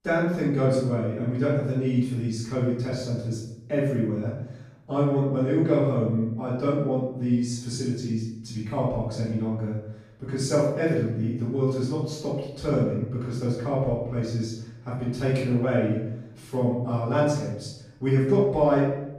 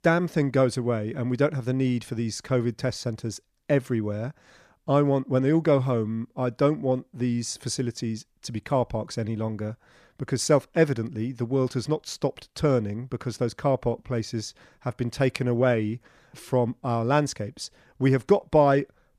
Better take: second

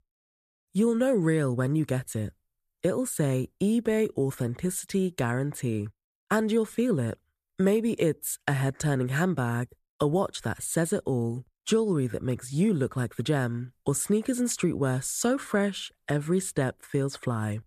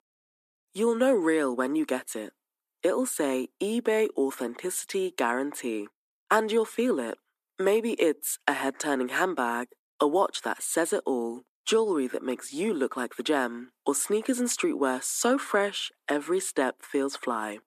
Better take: first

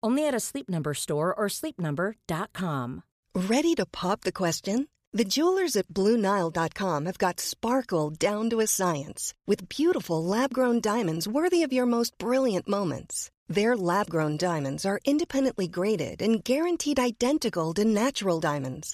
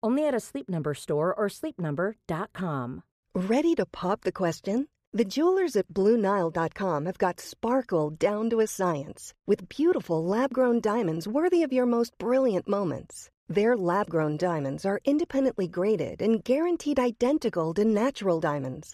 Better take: first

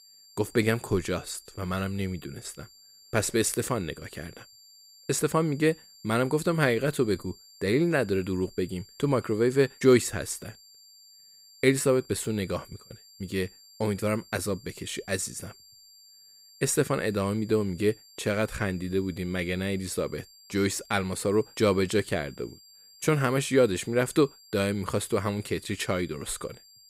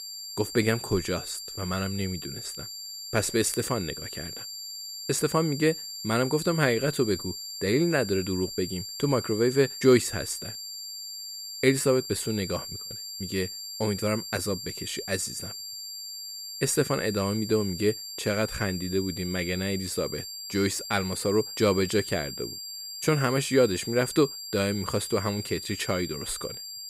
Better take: first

